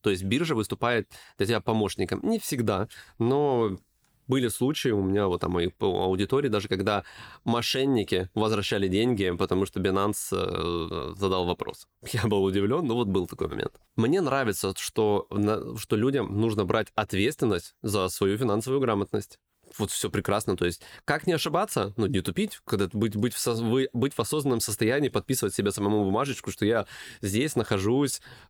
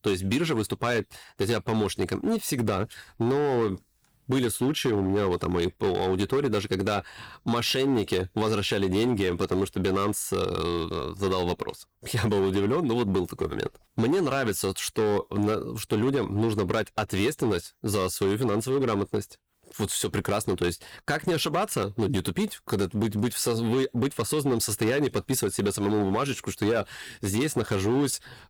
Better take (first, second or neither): first